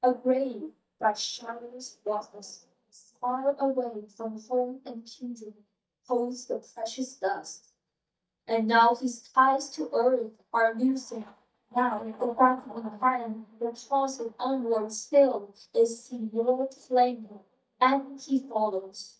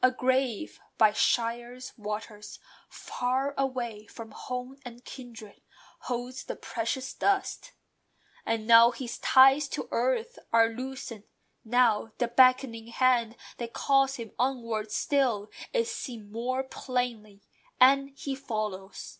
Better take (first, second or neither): second